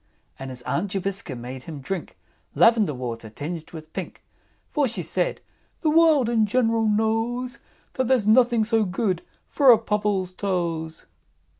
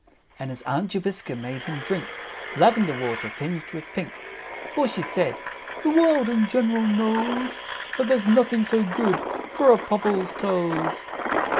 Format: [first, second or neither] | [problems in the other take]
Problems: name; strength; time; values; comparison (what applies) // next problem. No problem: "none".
first | background sound (Engine); 8 dB below the speech